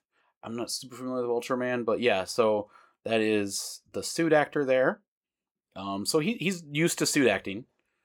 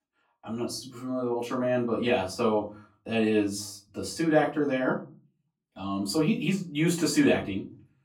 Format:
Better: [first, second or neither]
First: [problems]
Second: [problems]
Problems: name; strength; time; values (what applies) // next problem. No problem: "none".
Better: first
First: none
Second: off-mic speech; far // room echo; slight; dies away in 0.5 s